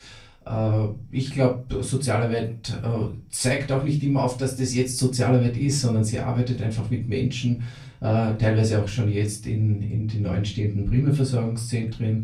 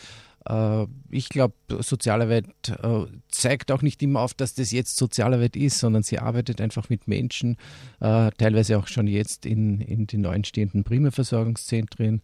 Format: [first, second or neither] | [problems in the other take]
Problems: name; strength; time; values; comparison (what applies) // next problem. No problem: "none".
second | off-mic speech; far // room echo; very slight; dies away in 0.3 s